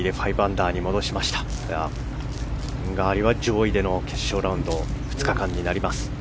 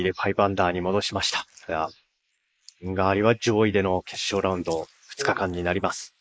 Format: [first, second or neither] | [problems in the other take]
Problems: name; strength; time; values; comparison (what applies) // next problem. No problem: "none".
first | noise reduction (neural mask model Resemble Enhance denoiser)